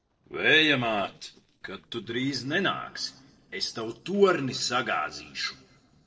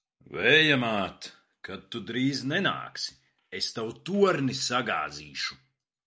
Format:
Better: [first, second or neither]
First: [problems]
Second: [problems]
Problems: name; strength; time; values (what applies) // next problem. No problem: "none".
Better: second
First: noise reduction (neural separator model SepFormer DNS4)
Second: none